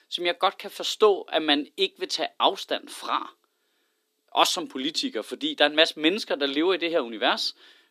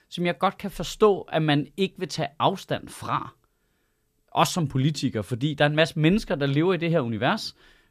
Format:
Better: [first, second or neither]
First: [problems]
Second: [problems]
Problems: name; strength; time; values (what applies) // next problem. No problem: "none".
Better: second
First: thin; somewhat; fading below 250 Hz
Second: none